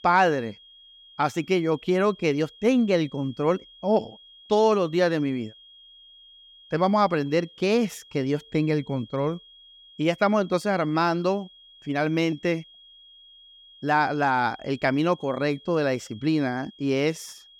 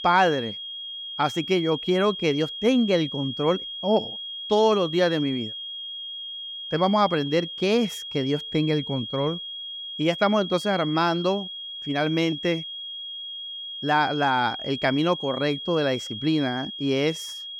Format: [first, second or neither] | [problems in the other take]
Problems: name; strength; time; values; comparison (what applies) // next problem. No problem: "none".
first | high-pitched whine; loud; throughout; 3.5 kHz, 8 dB below the speech; faint in the first